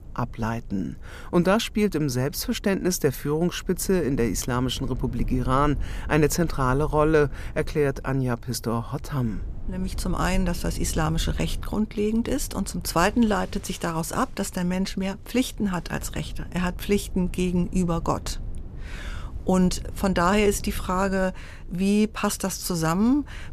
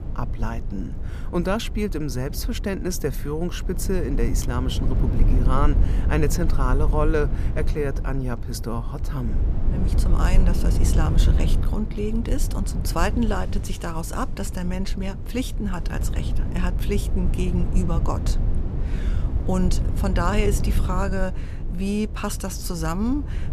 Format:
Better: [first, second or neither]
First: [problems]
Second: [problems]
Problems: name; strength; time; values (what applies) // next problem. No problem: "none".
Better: first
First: low rumble; faint; throughout; 25 dB below the speech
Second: low rumble; loud; throughout; 10 dB below the speech